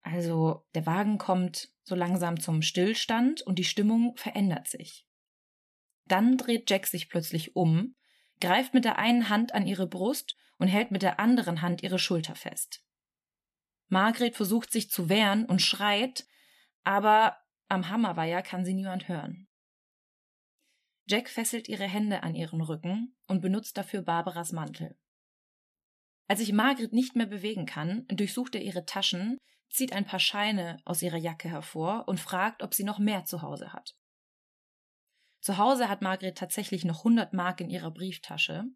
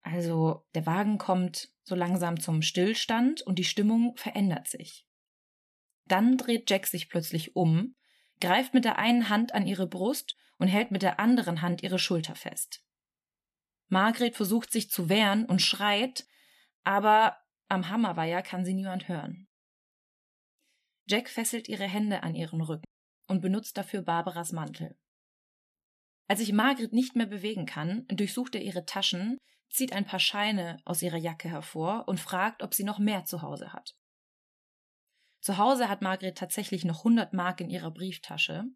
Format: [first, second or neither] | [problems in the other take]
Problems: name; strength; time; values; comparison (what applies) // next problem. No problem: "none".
first | audio cutting out; at 23 s